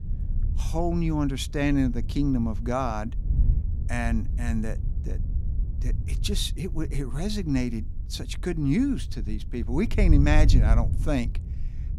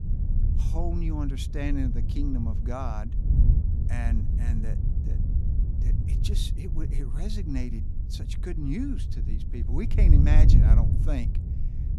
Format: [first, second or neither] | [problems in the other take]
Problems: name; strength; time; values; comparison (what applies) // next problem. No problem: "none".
first | wind noise on the microphone; heavy; 4 dB below the speech; occasional gusts in the first